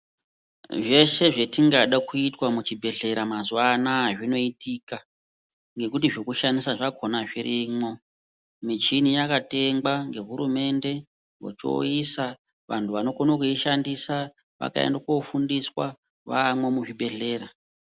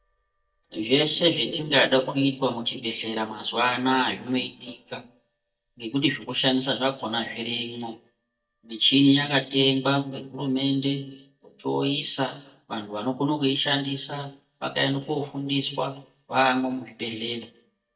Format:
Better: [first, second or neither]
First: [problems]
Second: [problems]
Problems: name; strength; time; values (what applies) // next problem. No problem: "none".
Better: first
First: none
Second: noise reduction (neural mask model DeepFilterNet 3)